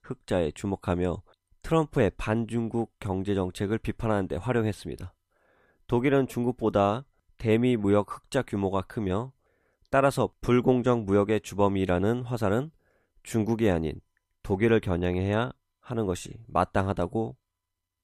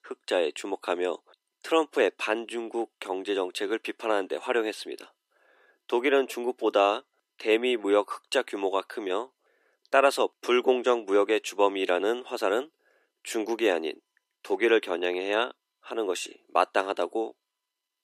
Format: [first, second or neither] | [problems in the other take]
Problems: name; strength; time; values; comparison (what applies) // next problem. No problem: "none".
first | thin; somewhat; fading below 300 Hz